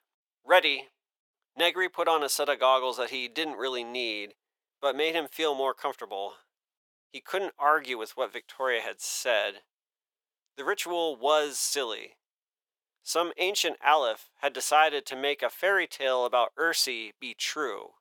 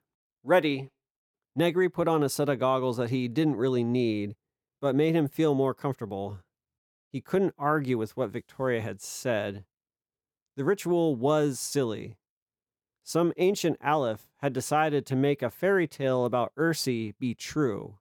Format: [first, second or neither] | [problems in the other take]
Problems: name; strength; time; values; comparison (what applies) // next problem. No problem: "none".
second | thin; very; fading below 600 Hz